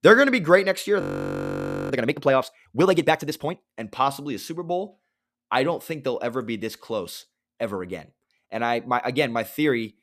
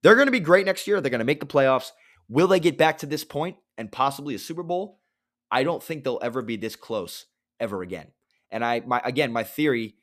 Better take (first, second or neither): second